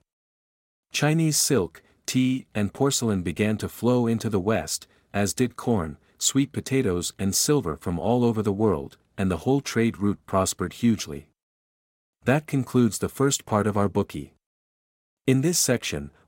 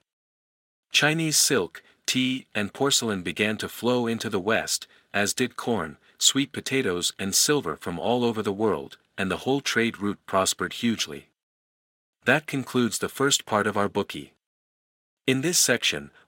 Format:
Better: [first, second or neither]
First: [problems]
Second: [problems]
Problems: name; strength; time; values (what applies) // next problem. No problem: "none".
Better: first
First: none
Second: thin; very slightly; fading below 350 Hz